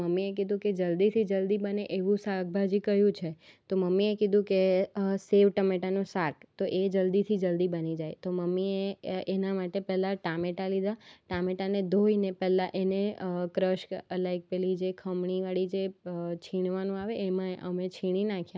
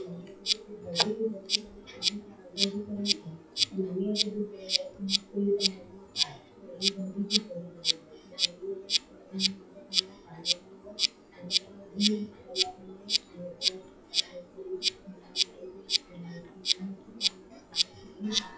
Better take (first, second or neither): first